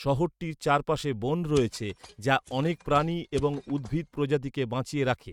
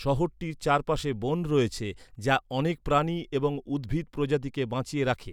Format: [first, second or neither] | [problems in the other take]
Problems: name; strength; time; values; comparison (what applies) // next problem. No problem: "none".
second | noise reduction (neural mask model RNNoise)